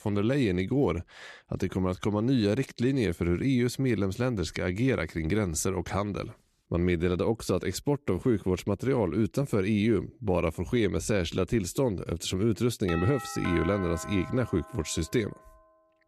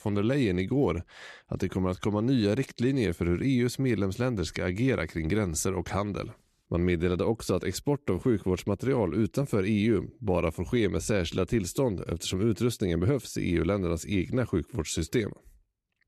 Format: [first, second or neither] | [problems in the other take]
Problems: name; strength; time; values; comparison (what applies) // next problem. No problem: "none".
second | doorbell; noticeable; from 13 to 15 s; peak 8 dB below the speech